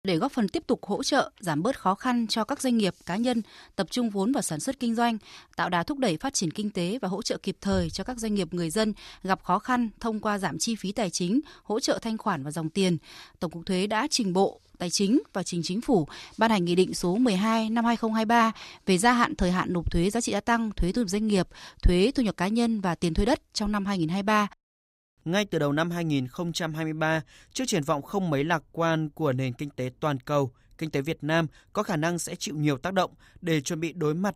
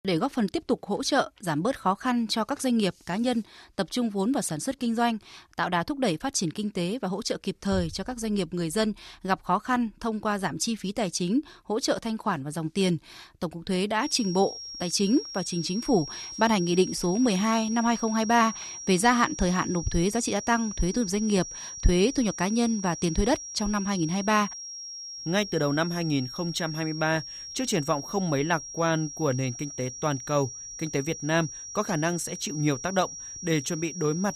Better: first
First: none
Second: high-pitched whine; loud; from 14 s on; 5.5 kHz, 9 dB below the speech

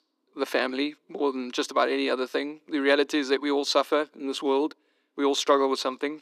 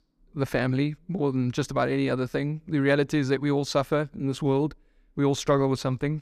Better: second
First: thin; very slightly; fading below 300 Hz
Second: none

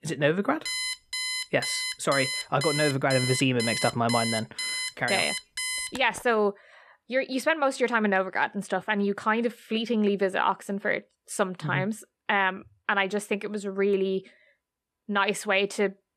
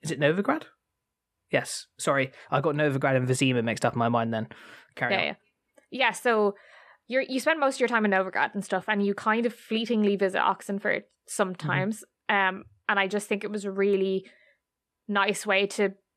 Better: second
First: alarm; noticeable; from 0.5 to 6 s; peak 2 dB below the speech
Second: none

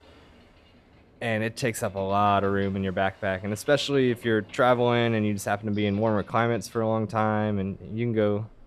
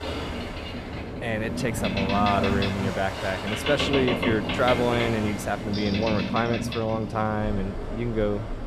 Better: first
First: train or aircraft noise; faint; throughout; 25 dB below the speech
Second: train or aircraft noise; loud; throughout; 2 dB below the speech

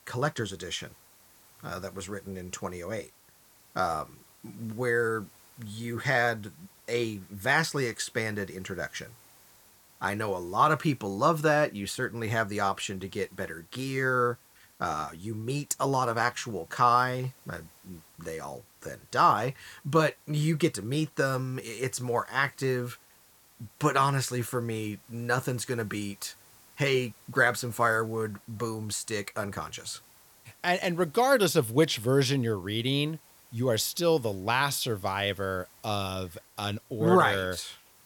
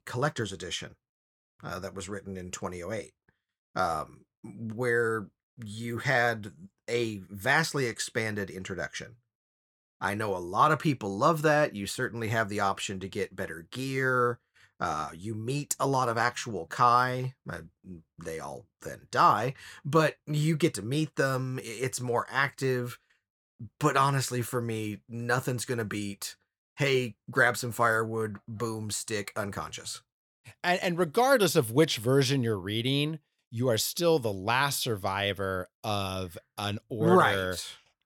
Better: second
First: hiss; faint; throughout; 25 dB below the speech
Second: none

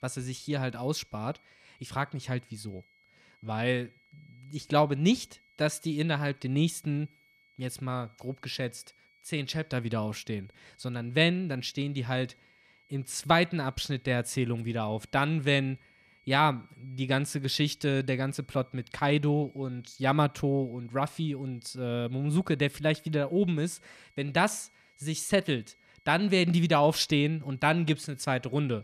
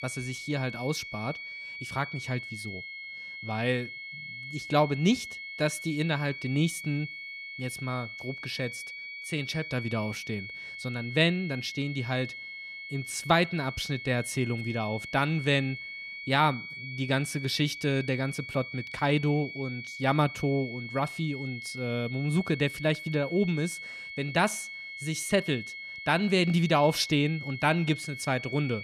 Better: first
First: high-pitched whine; faint; throughout; 2 kHz, 35 dB below the speech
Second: high-pitched whine; loud; throughout; 2 kHz, 9 dB below the speech

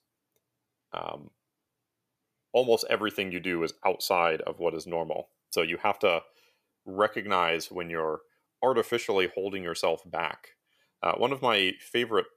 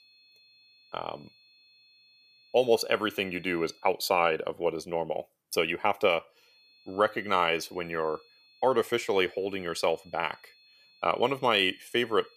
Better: first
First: none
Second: high-pitched whine; faint; until 4 s and from 6.5 s on; 4.5 kHz, 30 dB below the speech

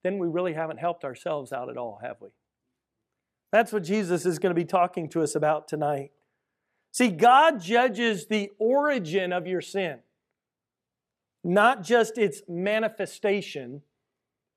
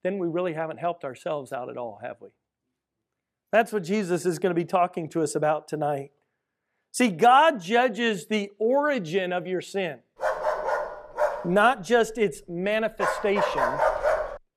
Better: first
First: none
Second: dog barking; loud; from 10 s on; peak 1 dB above the speech

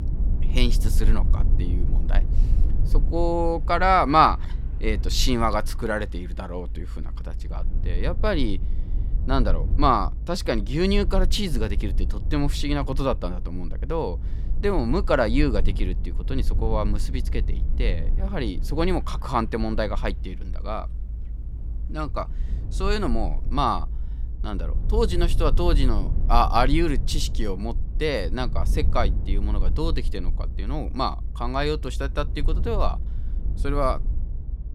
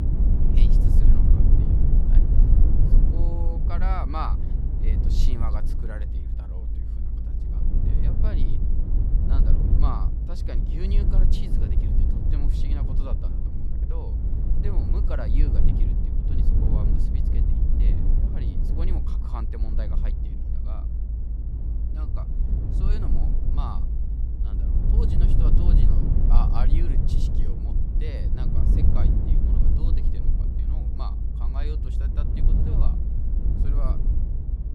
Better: first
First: low rumble; faint; throughout; 20 dB below the speech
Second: low rumble; loud; throughout; as loud as the speech

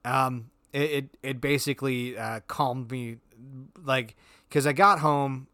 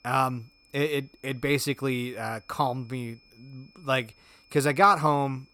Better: first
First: none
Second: high-pitched whine; faint; throughout; 2.5 kHz, 30 dB below the speech

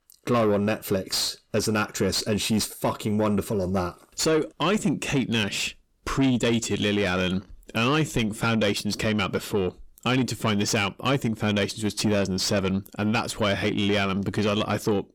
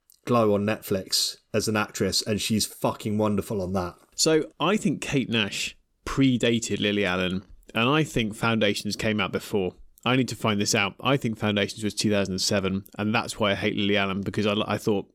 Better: second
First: distortion; slight; 10 dB below the speech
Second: none

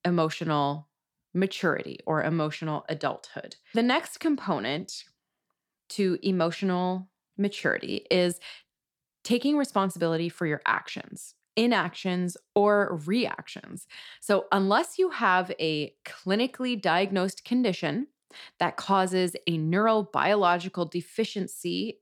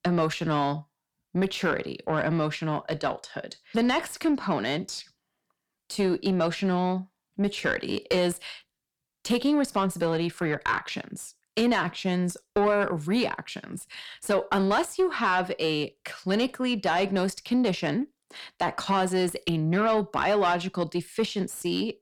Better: first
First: none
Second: distortion; slight; 10 dB below the speech

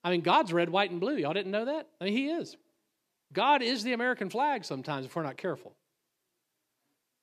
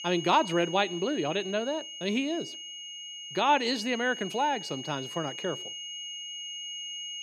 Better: first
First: none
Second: high-pitched whine; loud; throughout; 3 kHz, 9 dB below the speech

